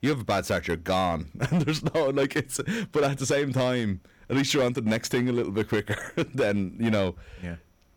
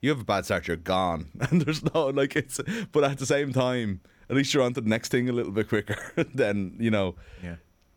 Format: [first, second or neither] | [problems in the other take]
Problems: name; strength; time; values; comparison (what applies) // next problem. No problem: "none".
second | distortion; slight; 8% of the sound clipped